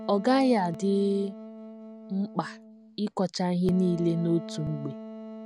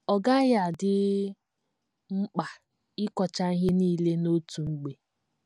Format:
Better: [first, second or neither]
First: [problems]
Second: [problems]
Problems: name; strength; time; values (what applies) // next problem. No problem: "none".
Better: second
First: background sound (Wind instrument, woodwind instrument); 14 dB below the speech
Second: none